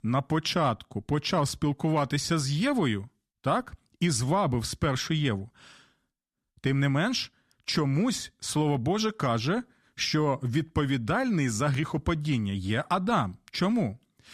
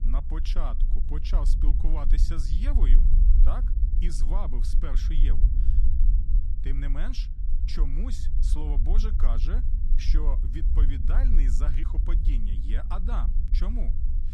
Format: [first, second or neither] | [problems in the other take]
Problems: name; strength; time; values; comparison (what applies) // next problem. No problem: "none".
first | low rumble; loud; throughout; 7 dB below the speech